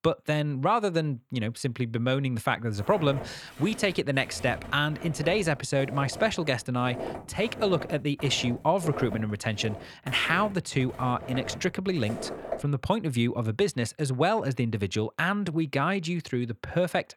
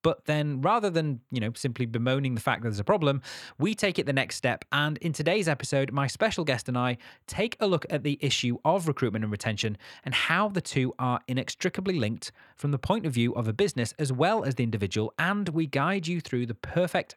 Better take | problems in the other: second | footsteps; noticeable; from 3 to 13 s; peak 7 dB below the speech

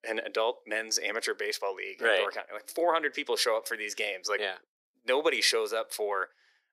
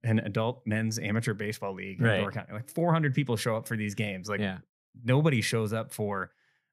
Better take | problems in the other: second | thin; very; fading below 350 Hz

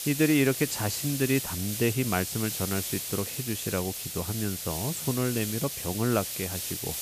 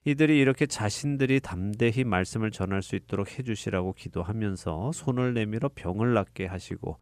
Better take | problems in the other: second | hiss; loud; throughout; 3 dB below the speech

